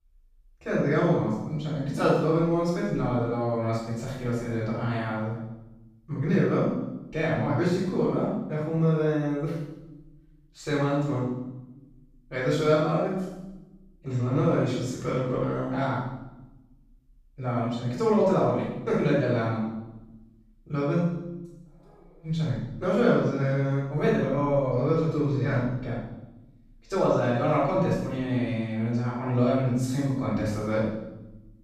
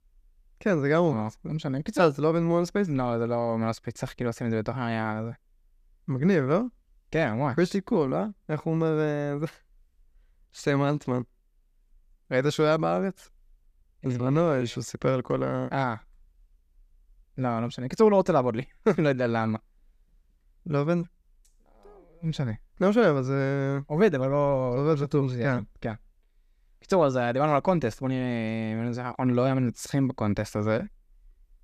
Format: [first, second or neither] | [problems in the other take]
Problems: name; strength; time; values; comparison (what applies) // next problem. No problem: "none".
second | off-mic speech; far // room echo; strong; dies away in 0.9 s